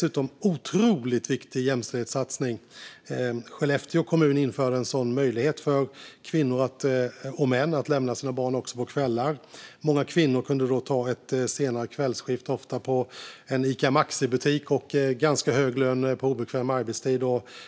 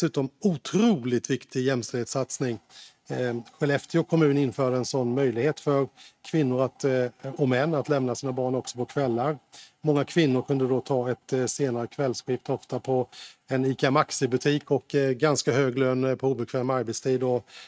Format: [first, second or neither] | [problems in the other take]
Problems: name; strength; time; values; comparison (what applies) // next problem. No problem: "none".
first | noise reduction (neural mask model RNNoise)